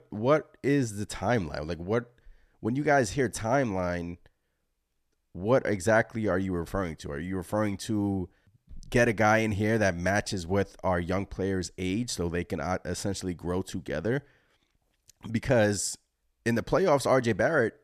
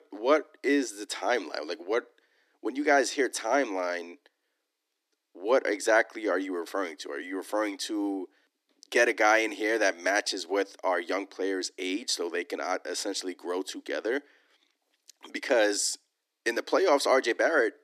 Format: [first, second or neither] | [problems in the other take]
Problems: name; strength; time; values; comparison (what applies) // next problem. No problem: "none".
first | thin; somewhat; fading below 300 Hz